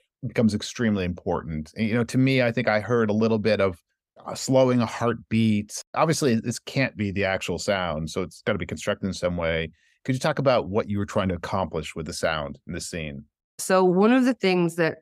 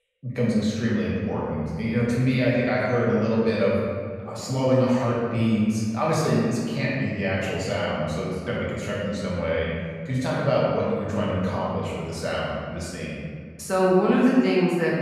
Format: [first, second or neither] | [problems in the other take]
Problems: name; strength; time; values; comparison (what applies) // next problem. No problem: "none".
first | room echo; strong; dies away in 2.1 s // off-mic speech; far